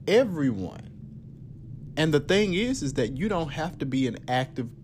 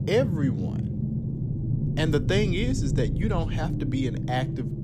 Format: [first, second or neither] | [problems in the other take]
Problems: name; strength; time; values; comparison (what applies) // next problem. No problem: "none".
first | low rumble; loud; throughout; 7 dB below the speech; faint in the first